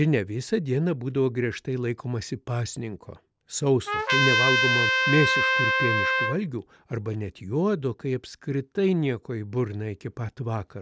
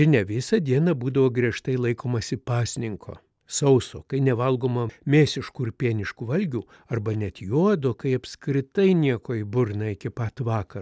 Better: second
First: background sound (Trumpet); 4 dB above the speech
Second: none

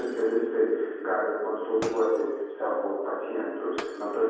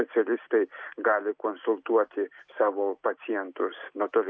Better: second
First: background sound (Shatter); 18 dB below the speech // room echo; dies away in 1.2 s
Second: none

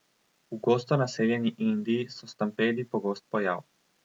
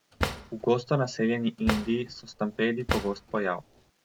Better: first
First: none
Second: background sound (Drawer open or close); 7 dB below the speech

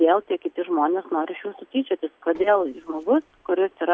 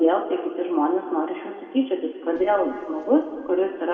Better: first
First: none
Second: room echo; dies away in 1.8 s

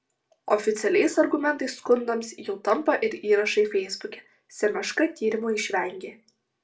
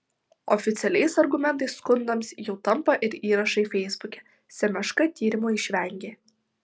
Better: second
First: room echo; dies away in 0.2 s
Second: none

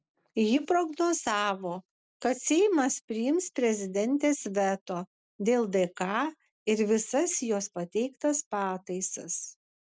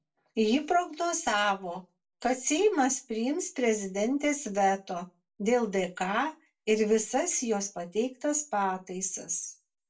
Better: first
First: none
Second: room echo; dies away in 0.2 s

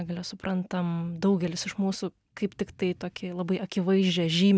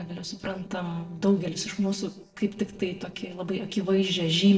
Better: first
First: none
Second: noise reduction (neural separator model SepFormer DNS4)

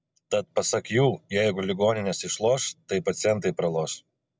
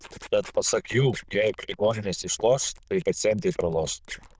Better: first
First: none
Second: noise reduction (neural diffusion model UNIVERSE++)

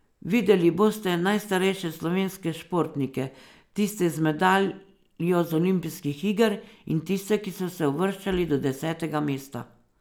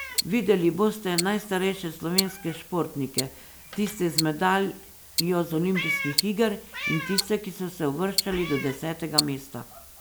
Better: first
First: none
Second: background sound (Tick-tock + Meow); 6 dB below the speech

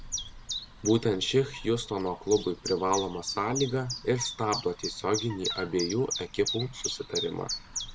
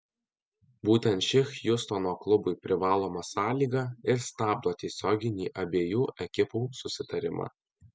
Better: second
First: background sound (Chirp, tweet); 8 dB below the speech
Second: none

